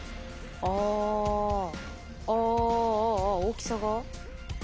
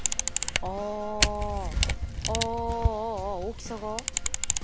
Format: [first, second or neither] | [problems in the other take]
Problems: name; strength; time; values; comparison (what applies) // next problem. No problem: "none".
first | background sound (Camera); 4 dB above the speech